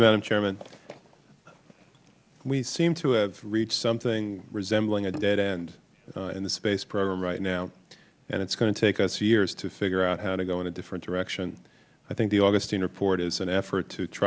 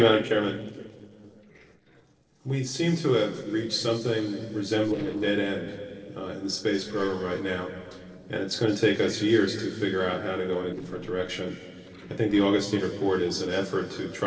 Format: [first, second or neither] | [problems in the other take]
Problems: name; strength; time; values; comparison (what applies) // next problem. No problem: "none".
first | noise reduction (neural separator model SepFormer DNS4)